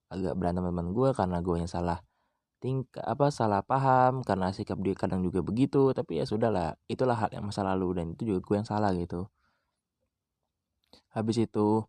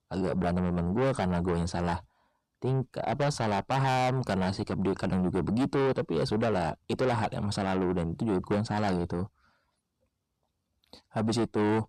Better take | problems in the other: first | distortion; heavy; 5 dB below the speech

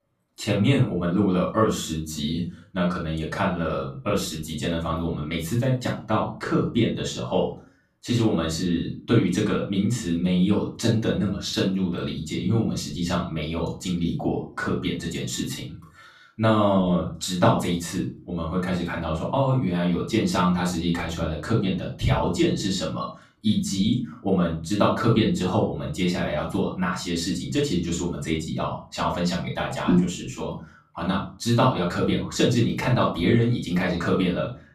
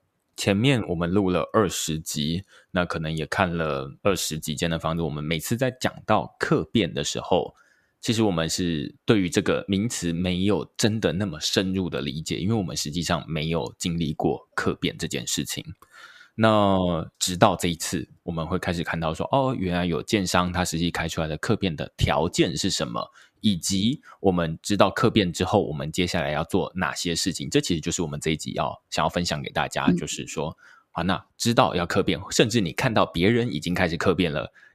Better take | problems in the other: second | off-mic speech; far // room echo; slight; dies away in 0.3 s

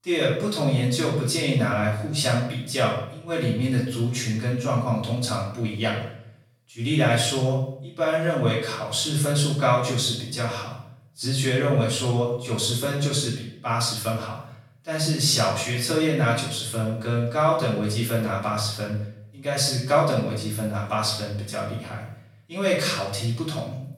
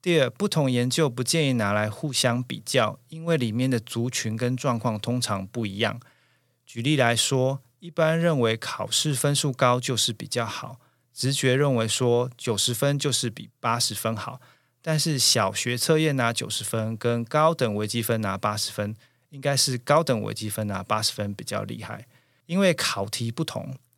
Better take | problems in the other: second | off-mic speech; far // room echo; noticeable; dies away in 0.6 s

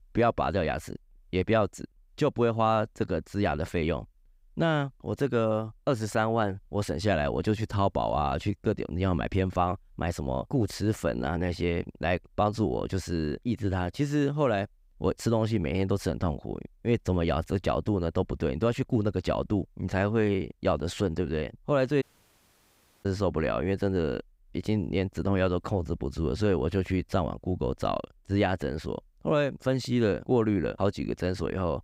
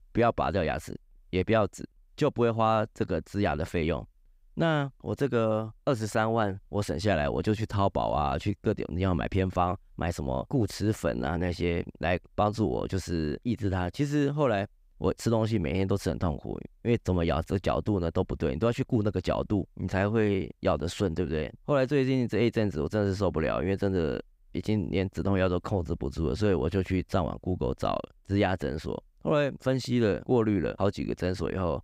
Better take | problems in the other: second | audio cutting out; at 22 s for 1 s

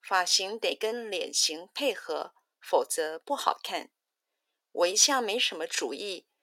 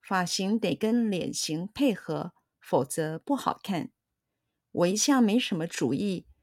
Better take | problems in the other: second | thin; very; fading below 450 Hz

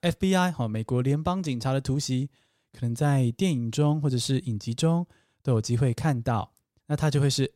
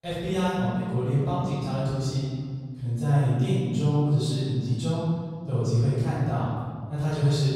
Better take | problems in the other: first | off-mic speech; far // room echo; strong; dies away in 1.7 s

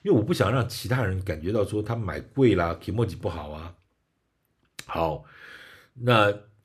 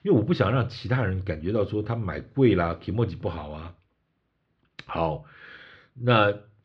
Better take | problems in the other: first | muffled; very slightly; fading above 4 kHz

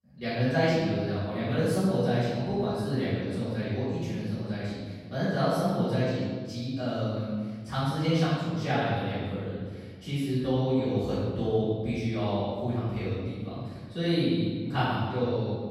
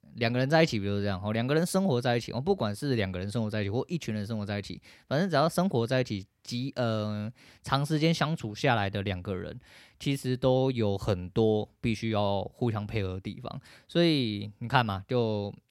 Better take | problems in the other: second | off-mic speech; far // room echo; strong; dies away in 1.7 s

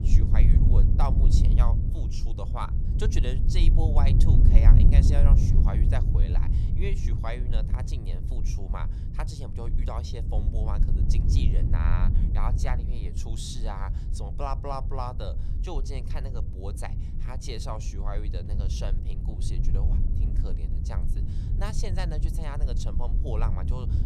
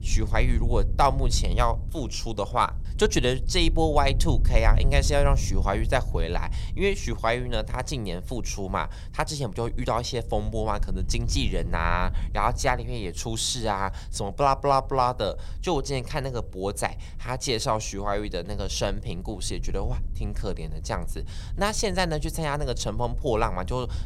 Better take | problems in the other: second | low rumble; loud; throughout; 3 dB below the speech; faint in the second

